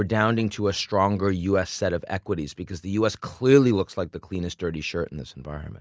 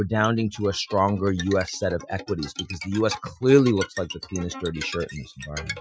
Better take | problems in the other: first | noise reduction (classical method Wiener filter)

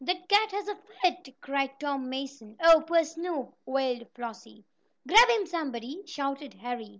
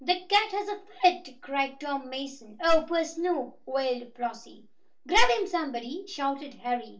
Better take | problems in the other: first | room echo; dies away in 0.2 s

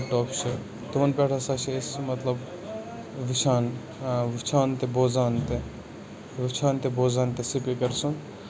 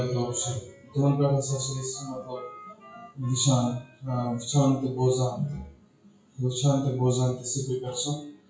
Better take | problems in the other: first | noise reduction (classical method WPE with log-MMSE)

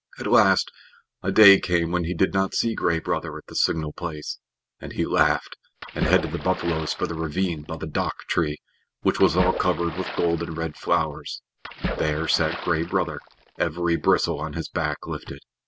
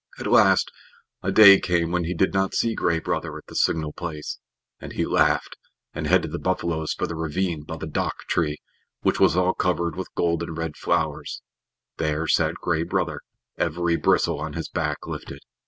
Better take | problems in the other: second | background sound (Splash, splatter); 10 dB below the speech

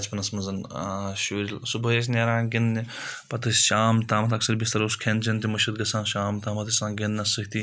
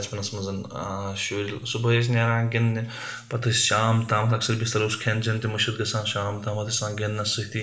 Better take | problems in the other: first | room echo; dies away in 0.9 s

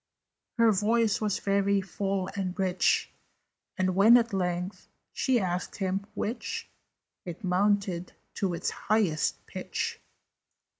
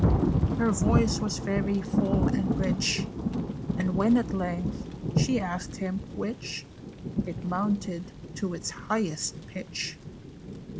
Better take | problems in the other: first | background sound (Thunder / Rain); 1 dB above the speech

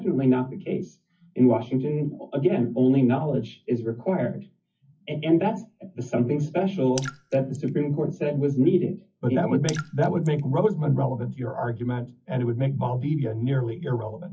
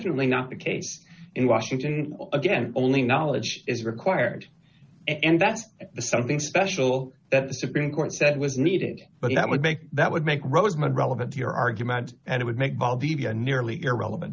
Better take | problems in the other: second | noise reduction (classical method WPE with log-MMSE)

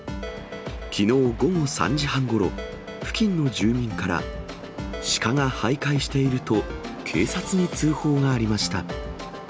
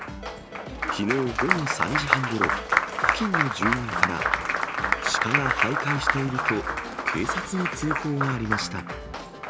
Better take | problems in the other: first | background sound (Applause); 3 dB above the speech

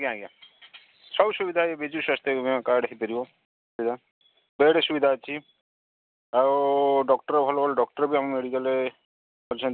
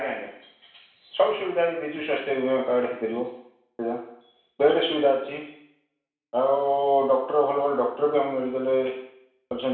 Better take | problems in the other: first | room echo; dies away in 0.7 s

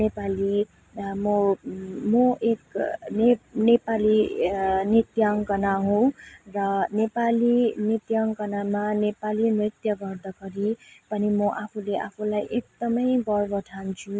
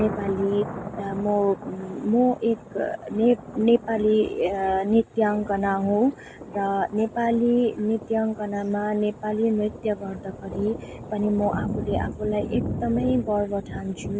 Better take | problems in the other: first | background sound (Thunder); 11 dB below the speech

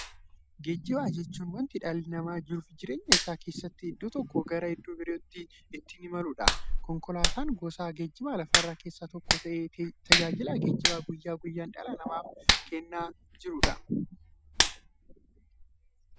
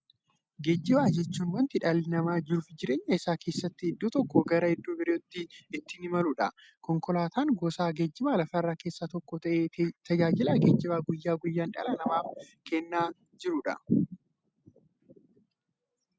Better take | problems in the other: second | background sound (Hands); 2 dB above the speech

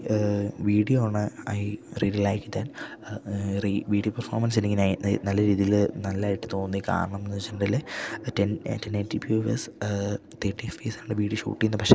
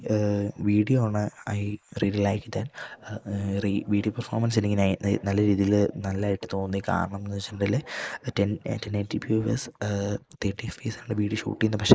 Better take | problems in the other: first | noise reduction (neural mask model Resemble Enhance denoiser)

